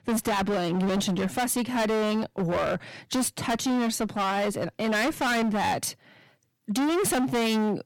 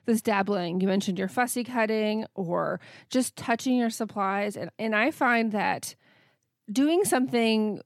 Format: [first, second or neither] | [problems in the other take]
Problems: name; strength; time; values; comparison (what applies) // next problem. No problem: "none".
second | distortion; heavy; 29% of the sound clipped